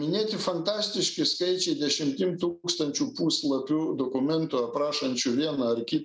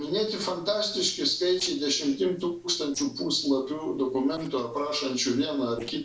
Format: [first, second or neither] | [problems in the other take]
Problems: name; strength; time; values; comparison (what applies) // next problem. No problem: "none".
first | noise reduction (neural separator model SepFormer DNS4)